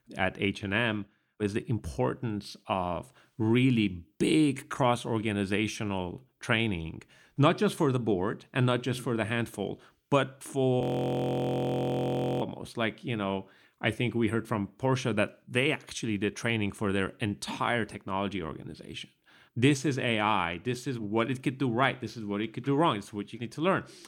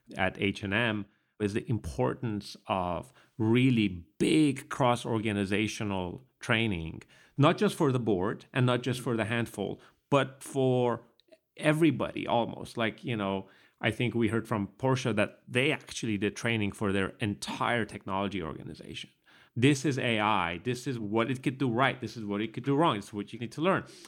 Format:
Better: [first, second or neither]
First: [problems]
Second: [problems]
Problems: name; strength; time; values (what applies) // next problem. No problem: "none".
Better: second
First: audio freezing; at 11 s for 1.5 s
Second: none